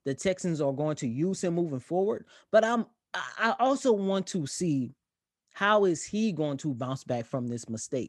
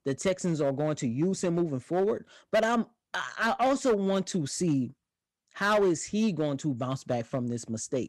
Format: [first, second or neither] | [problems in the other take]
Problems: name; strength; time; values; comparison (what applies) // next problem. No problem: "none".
first | distortion; slight; 4% of the sound clipped